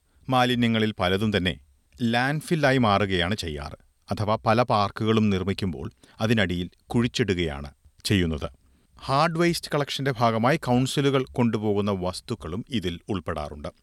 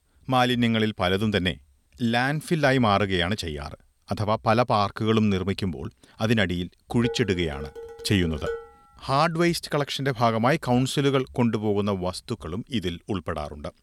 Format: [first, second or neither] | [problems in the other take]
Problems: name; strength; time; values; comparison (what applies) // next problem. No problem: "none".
first | clattering dishes; noticeable; from 7 to 8.5 s; peak 9 dB below the speech